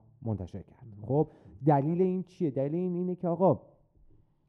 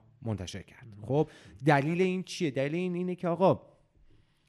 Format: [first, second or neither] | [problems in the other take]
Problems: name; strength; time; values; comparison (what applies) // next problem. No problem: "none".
second | muffled; very; fading above 1 kHz